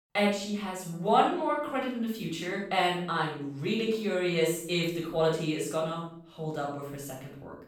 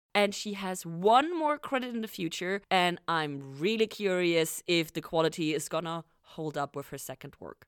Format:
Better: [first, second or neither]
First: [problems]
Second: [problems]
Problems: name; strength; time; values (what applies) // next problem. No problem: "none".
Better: second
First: off-mic speech; far // room echo; noticeable; dies away in 0.5 s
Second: none